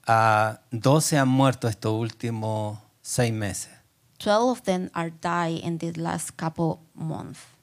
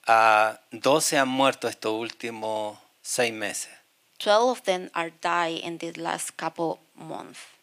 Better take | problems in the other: first | thin; somewhat; fading below 400 Hz

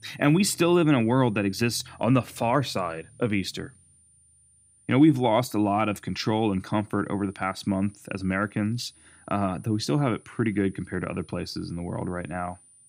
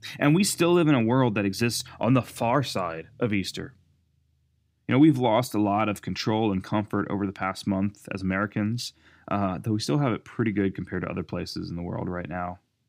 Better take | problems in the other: second | high-pitched whine; faint; throughout; 9.5 kHz, 30 dB below the speech

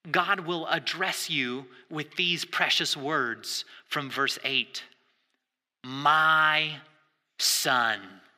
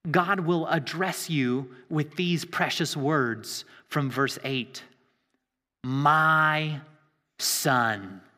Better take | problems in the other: second | thin; somewhat; fading below 500 Hz

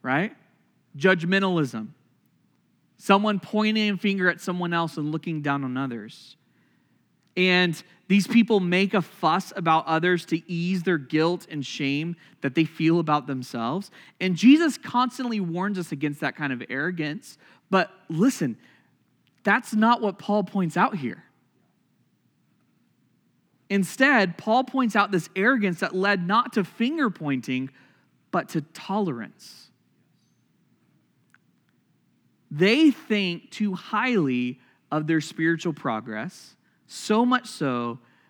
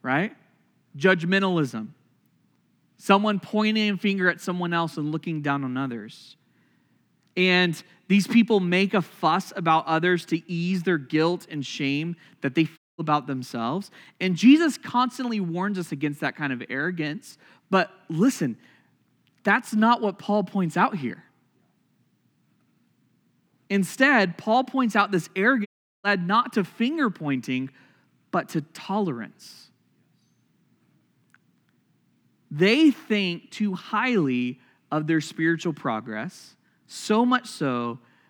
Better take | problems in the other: first | audio cutting out; at 13 s and at 26 s

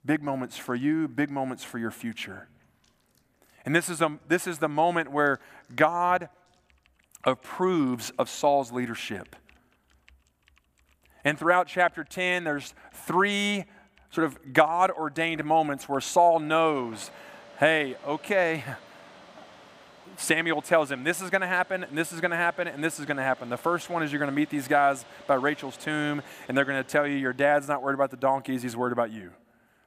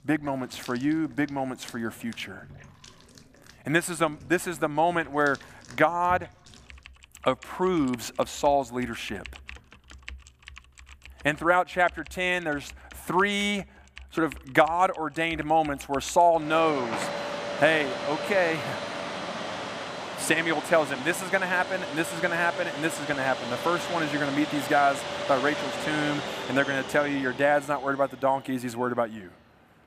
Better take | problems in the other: first | household noises; loud; throughout; 9 dB below the speech; faint in the first

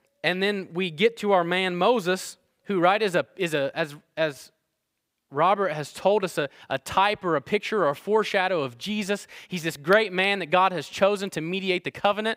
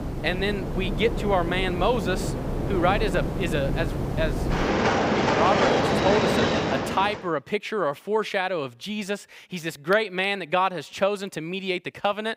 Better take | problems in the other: first | train or aircraft noise; very loud; until 7 s; 1 dB above the speech

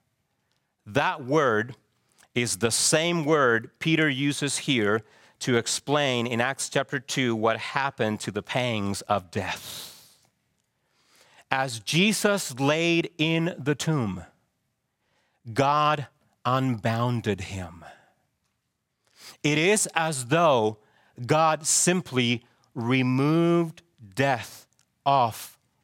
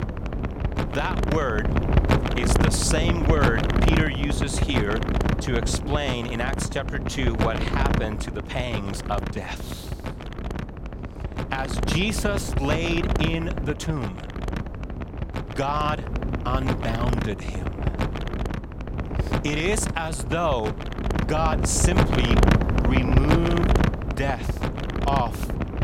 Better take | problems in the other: first | wind noise on the microphone; heavy; 2 dB below the speech

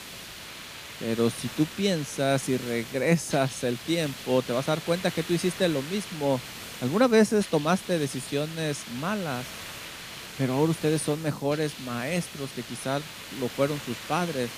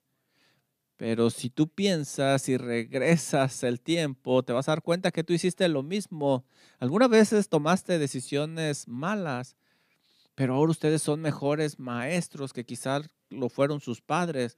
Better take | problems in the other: second | hiss; noticeable; throughout; 10 dB below the speech

